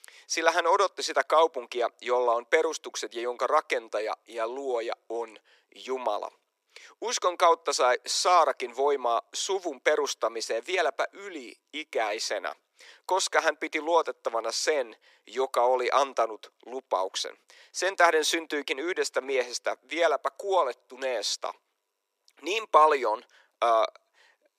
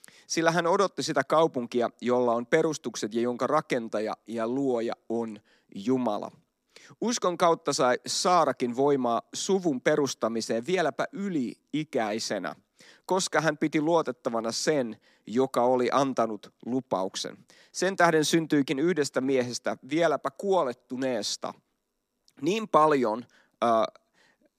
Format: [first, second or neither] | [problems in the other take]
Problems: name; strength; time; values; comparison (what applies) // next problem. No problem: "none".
second | thin; very; fading below 400 Hz